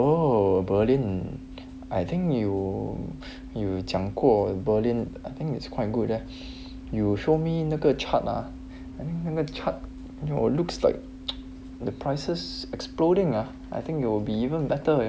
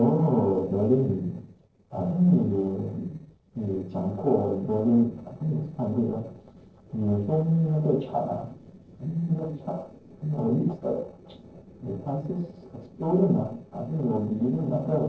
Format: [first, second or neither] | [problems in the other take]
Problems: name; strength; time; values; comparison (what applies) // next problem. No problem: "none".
first | noise reduction (neural separator model SepFormer DNS4)